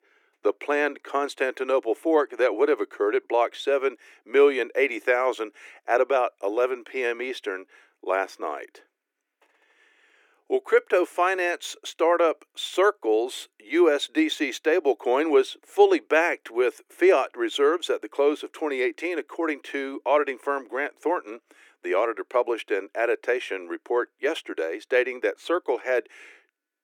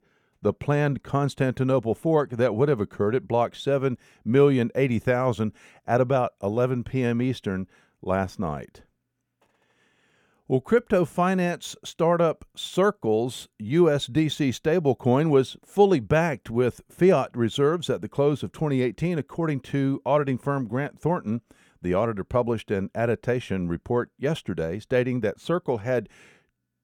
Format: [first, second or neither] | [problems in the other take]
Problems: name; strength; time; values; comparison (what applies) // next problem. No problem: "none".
second | thin; very; fading below 300 Hz